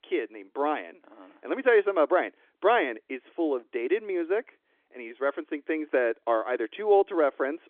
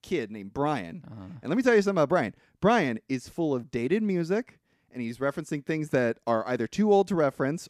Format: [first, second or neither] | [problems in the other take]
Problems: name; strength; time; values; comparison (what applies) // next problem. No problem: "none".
second | phone-call audio; nothing above 3.5 kHz